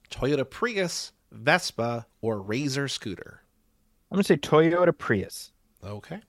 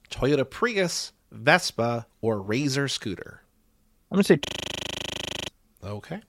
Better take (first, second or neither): first